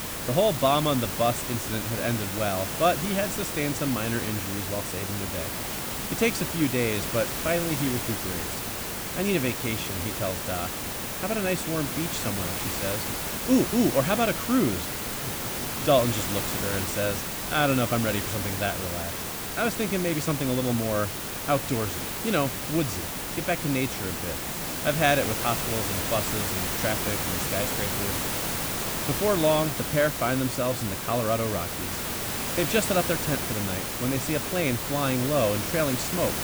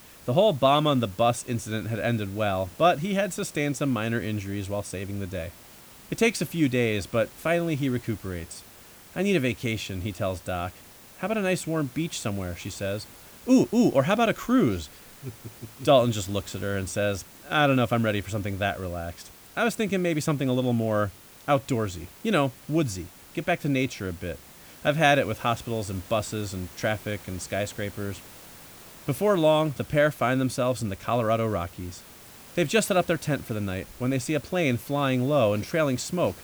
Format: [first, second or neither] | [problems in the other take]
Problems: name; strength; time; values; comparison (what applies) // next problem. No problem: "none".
second | hiss; loud; throughout; 2 dB below the speech; faint in the second